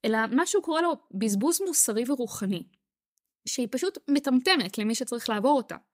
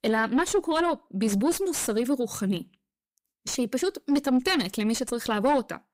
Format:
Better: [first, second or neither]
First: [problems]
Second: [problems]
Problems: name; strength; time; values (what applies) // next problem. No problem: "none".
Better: first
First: none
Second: distortion; slight; 10 dB below the speech